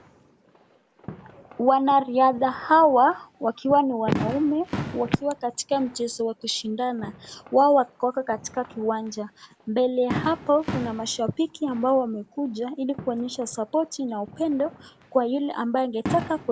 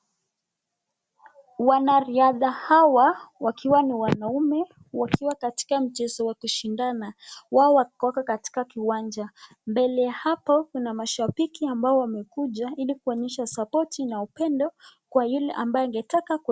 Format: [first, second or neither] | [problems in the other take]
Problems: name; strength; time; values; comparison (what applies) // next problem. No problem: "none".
second | background sound (Fireworks); 14 dB below the speech